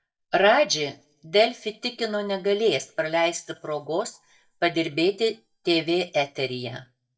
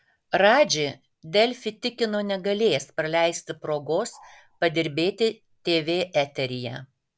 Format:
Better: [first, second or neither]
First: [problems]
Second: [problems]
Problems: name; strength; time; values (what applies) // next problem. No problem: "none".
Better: second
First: noise reduction (neural mask model DeepFilterNet 3)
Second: none